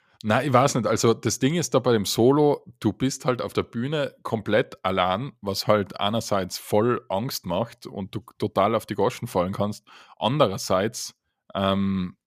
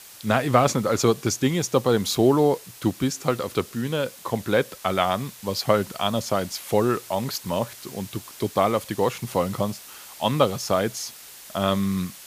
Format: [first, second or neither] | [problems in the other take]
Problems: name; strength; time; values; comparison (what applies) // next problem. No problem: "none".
first | hiss; noticeable; throughout; 15 dB below the speech